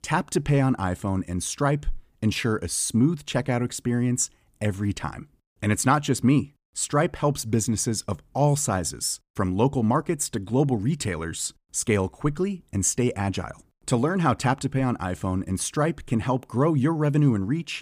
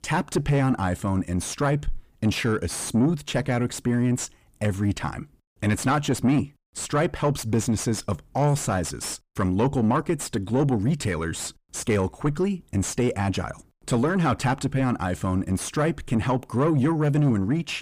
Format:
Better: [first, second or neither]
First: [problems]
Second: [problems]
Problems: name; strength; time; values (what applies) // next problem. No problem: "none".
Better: first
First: none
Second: distortion; slight; 9 dB below the speech